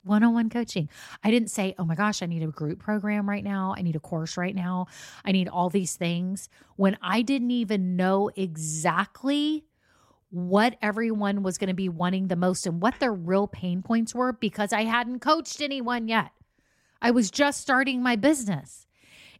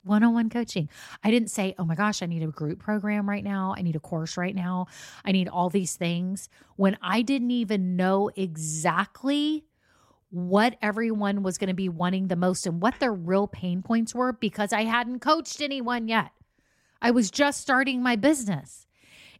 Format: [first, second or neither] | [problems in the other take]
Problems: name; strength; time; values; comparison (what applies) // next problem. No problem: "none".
neither | none